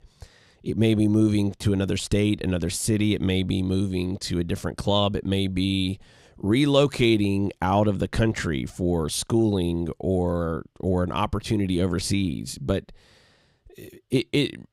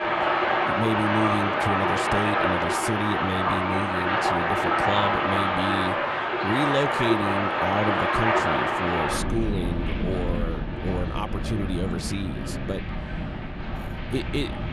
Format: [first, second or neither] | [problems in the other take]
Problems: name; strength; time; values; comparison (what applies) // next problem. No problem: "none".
first | rain or running water; very loud; throughout; 4 dB above the speech